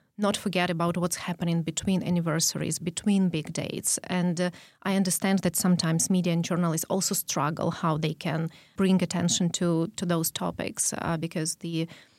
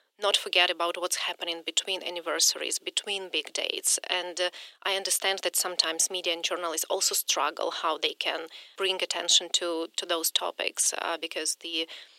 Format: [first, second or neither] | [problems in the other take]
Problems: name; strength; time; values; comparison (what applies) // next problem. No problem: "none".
first | thin; very; fading below 350 Hz